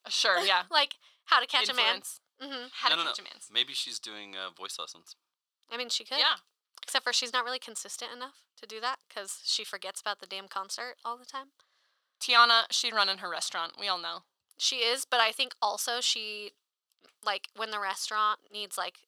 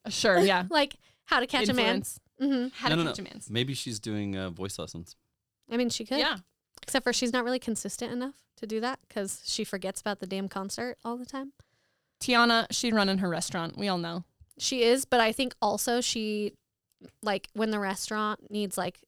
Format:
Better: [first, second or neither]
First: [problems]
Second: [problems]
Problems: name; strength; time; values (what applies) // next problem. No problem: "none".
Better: second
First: thin; very; fading below 650 Hz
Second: none